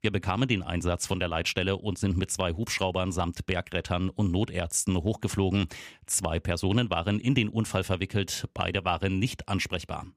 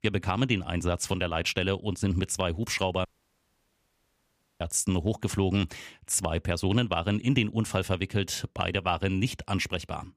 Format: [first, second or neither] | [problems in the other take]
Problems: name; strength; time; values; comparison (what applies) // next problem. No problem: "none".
first | audio cutting out; at 3 s for 1.5 s